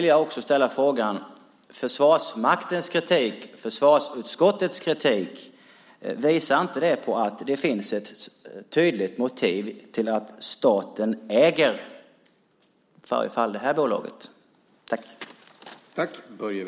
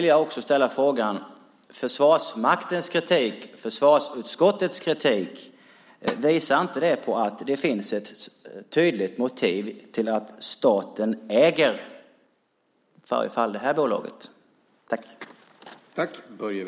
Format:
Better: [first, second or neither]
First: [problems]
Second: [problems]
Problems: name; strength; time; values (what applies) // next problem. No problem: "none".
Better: first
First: none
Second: noise reduction (neural mask model Resemble Enhance denoiser)